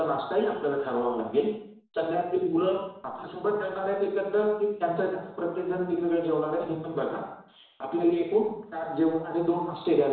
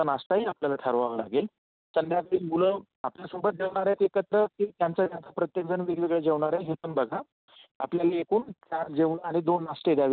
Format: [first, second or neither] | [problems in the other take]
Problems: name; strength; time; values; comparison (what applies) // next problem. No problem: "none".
second | room echo; dies away in 0.6 s